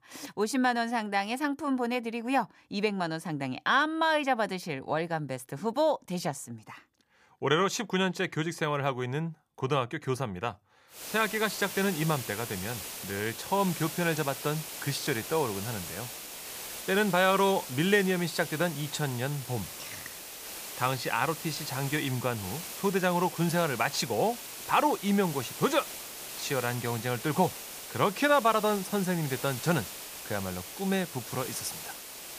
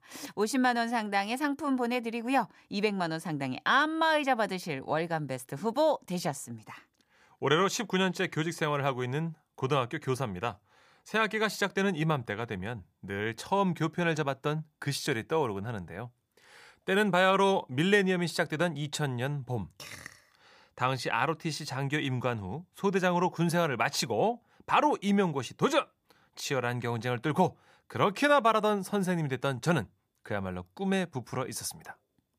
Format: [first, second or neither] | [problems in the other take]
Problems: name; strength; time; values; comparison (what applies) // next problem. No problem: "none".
second | hiss; loud; from 11 s on; 9 dB below the speech